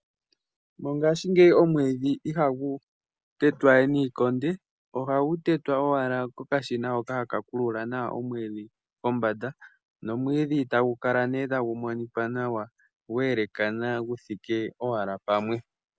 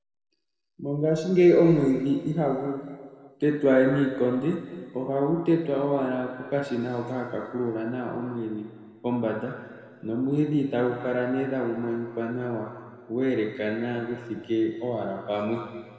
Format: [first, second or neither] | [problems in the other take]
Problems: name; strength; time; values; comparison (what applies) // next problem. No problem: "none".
first | room echo; dies away in 1.9 s